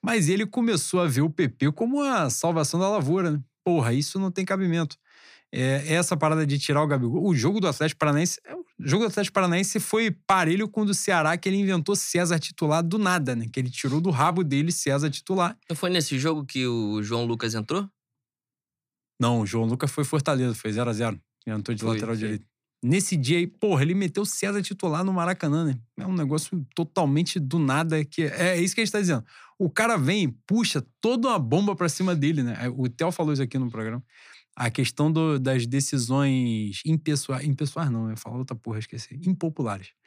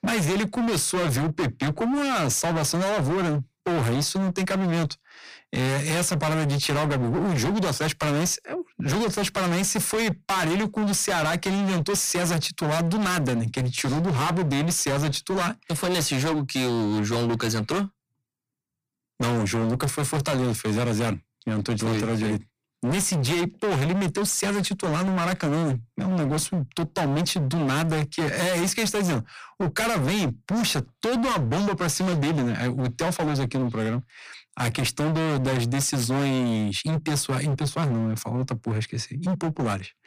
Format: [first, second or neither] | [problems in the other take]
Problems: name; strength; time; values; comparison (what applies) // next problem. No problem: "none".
first | distortion; heavy; 38% of the sound clipped